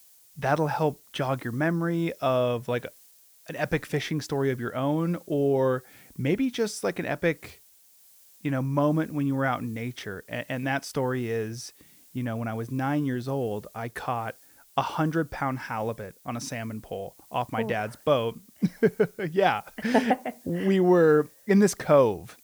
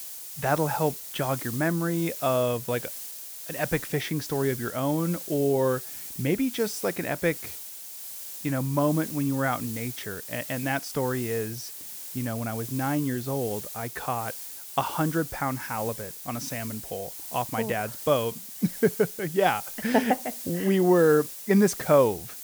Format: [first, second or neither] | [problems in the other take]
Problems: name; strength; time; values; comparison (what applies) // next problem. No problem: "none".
first | hiss; loud; throughout; 8 dB below the speech; faint in the first